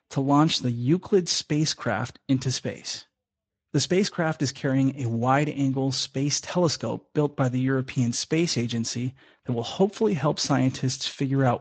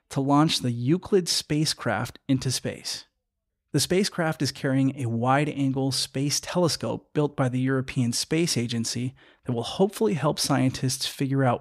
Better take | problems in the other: second | garbled, watery; slightly; nothing above 7.5 kHz

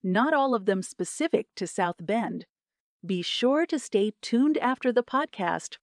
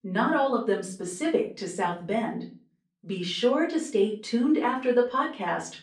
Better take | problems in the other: first | room echo; slight; dies away in 0.3 s // off-mic speech; far

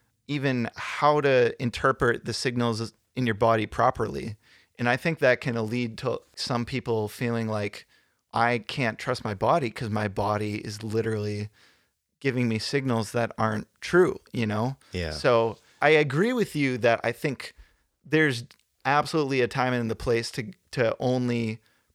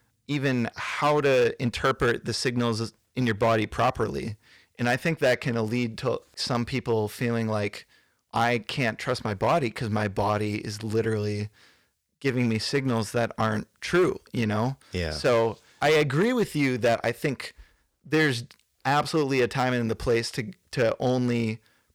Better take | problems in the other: first | distortion; slight; 4% of the sound clipped

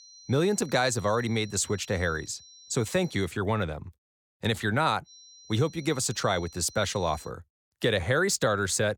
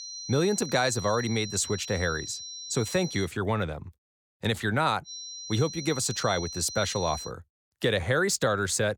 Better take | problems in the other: first | high-pitched whine; loud; until 3 s and from 5 to 7.5 s; 4 kHz, 9 dB below the speech; faint in the first

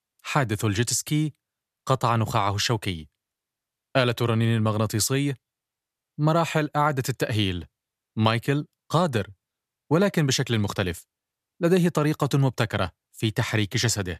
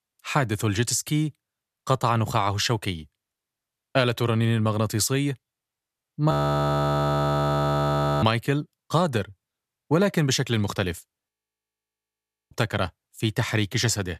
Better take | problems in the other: first | audio freezing; at 6.5 s for 2 s and at 11 s for 1 s

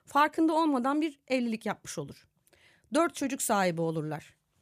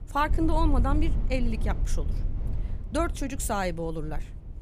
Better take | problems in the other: first | low rumble; noticeable; throughout; 15 dB below the speech

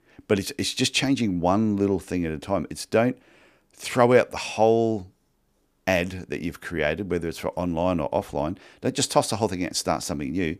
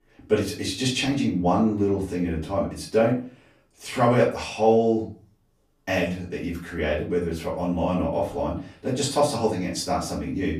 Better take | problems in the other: first | off-mic speech; far // room echo; slight; dies away in 0.3 s

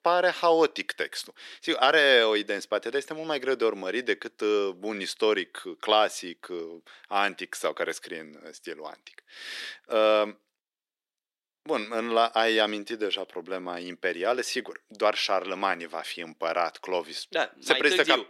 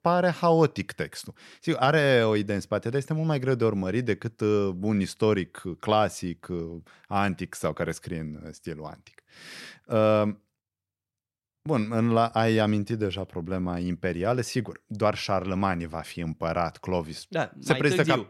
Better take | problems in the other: second | thin; very; fading below 300 Hz

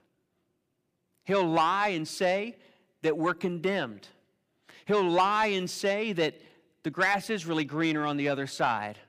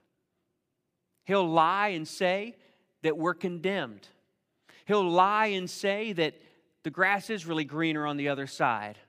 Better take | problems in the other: second | distortion; slight; 10 dB below the speech

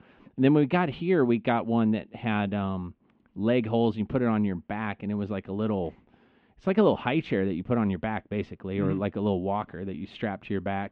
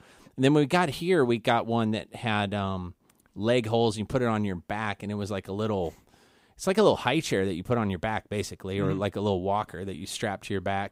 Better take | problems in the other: second | muffled; very; fading above 3 kHz

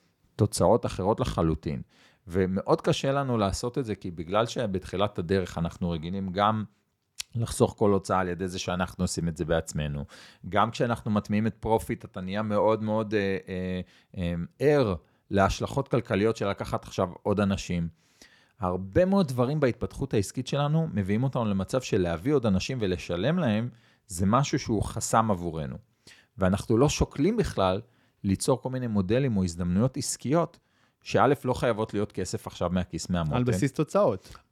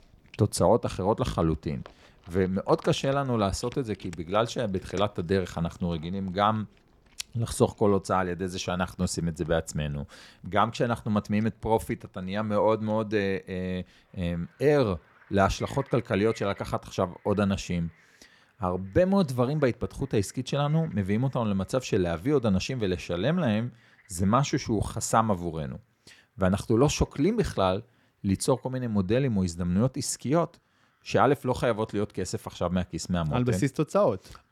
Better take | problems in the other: first | animal sounds; faint; throughout; 30 dB below the speech

